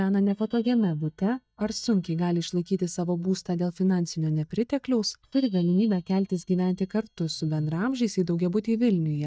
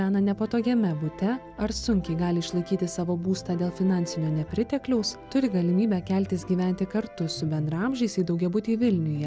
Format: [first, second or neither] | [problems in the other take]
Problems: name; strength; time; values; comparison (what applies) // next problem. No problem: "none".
second | noise reduction (neural mask model DeepFilterNet 3)